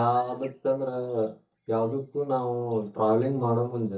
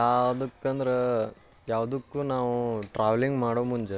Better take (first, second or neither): second